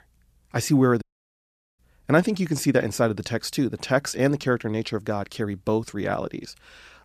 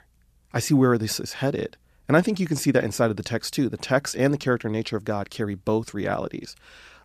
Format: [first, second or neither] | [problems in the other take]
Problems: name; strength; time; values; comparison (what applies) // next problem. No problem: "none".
second | audio cutting out; at 1 s for 1 s